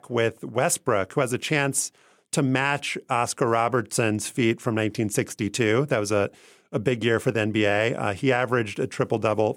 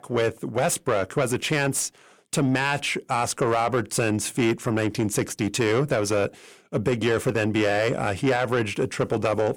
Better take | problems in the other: first | distortion; slight; 10 dB below the speech

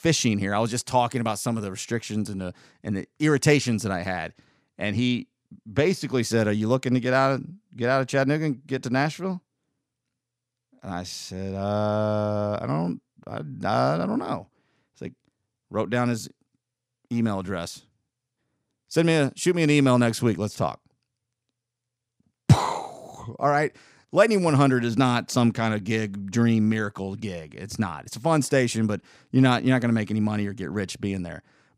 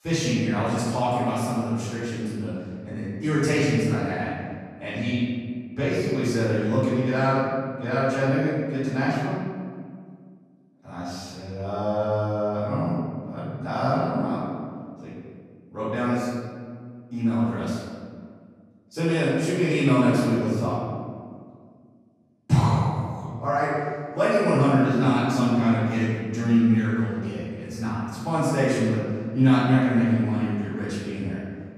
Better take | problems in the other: first | off-mic speech; far // room echo; strong; dies away in 1.7 s

